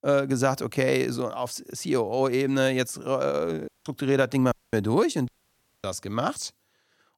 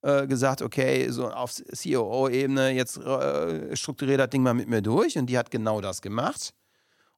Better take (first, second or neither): second